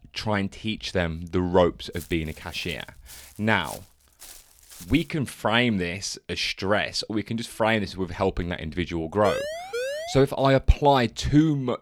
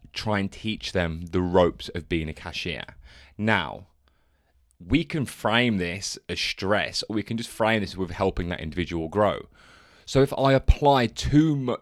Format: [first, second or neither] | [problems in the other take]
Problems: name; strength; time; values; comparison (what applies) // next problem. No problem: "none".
second | footsteps; faint; from 2 to 5 s; peak 15 dB below the speech // siren; noticeable; at 9 s; peak 5 dB below the speech